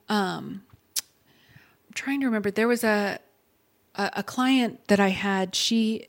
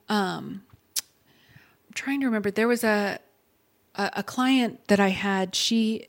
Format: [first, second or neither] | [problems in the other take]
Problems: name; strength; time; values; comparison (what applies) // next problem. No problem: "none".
neither | none